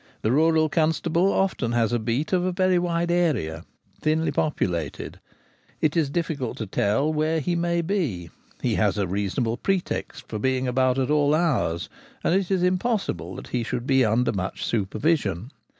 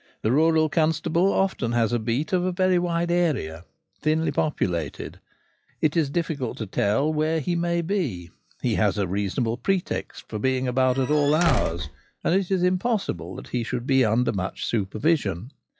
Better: first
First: none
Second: noise reduction (classical method log-MMSE)

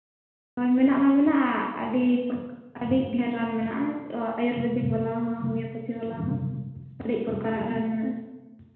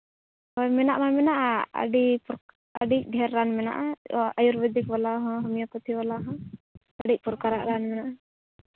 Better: second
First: room echo; dies away in 1.1 s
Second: none

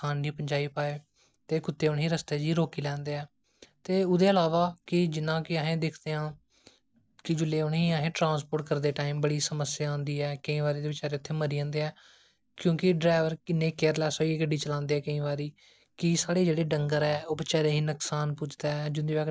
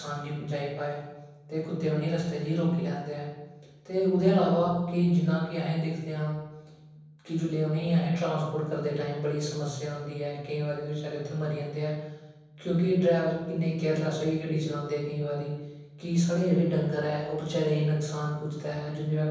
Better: first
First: none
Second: room echo; dies away in 1.1 s

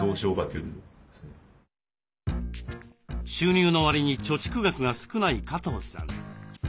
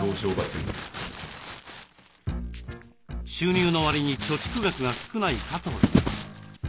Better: first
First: none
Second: background sound (Crumpling, crinkling); 4 dB below the speech

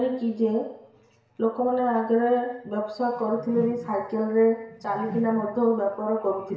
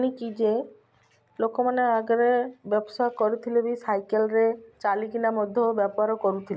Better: second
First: background sound (Whoosh, swoosh, swish); 15 dB below the speech // room echo; dies away in 0.9 s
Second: none

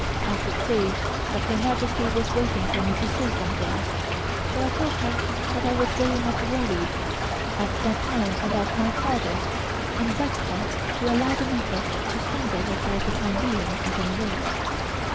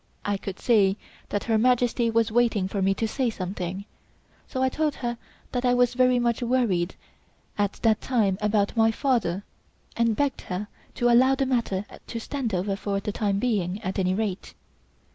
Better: second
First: background sound (Stream / Trickle, dribble); 3 dB above the speech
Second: none

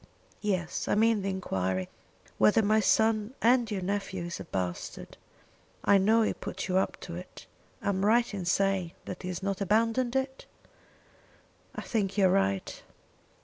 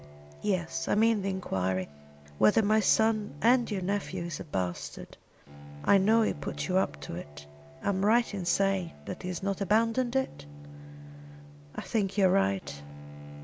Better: first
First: none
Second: background sound (Bowed string instrument); 17 dB below the speech

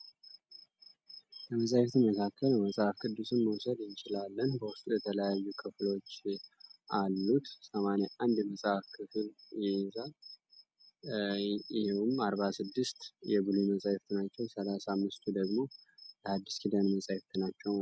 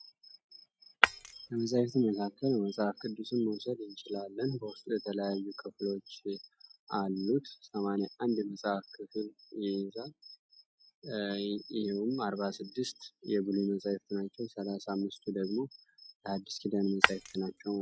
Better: first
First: none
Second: noise reduction (classical method log-MMSE)

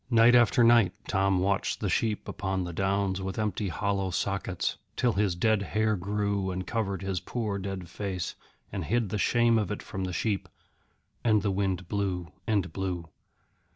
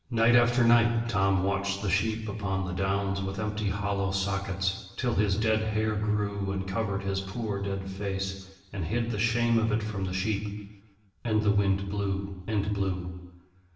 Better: first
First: none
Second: room echo; dies away in 1 s

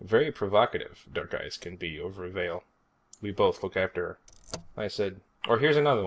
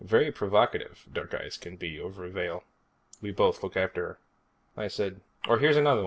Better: second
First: background sound (Car); 15 dB below the speech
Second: none

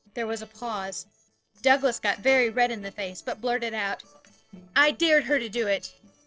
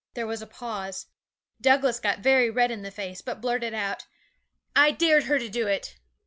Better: second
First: noise reduction (neural separator model SepFormer DNS4)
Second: none

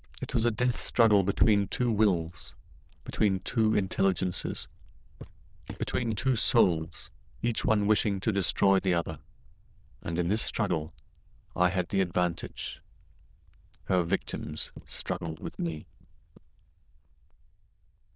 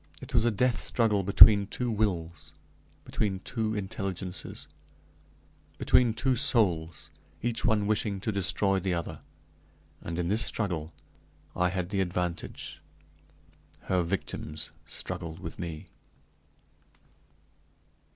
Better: second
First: noise reduction (neural diffusion model UNIVERSE++)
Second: none

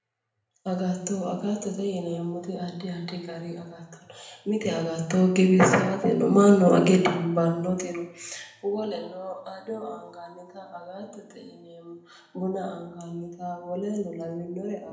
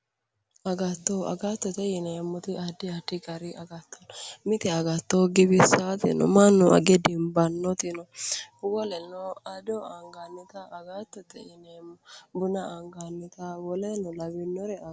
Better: second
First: room echo; dies away in 0.7 s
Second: none

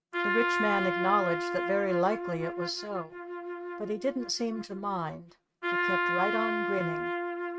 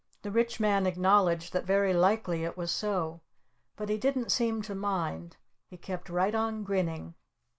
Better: second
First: noise reduction (neural mask model RNNoise)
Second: none

